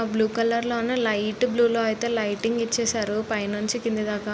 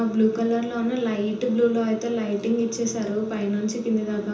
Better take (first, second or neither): first